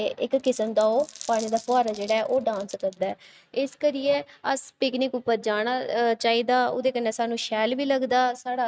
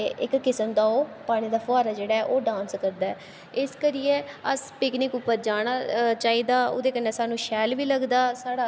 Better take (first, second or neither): second